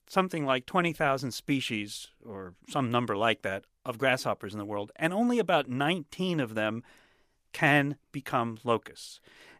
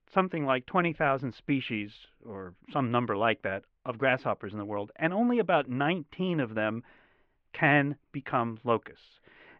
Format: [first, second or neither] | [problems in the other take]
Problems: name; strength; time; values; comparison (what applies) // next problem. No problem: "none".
first | muffled; very; fading above 2.5 kHz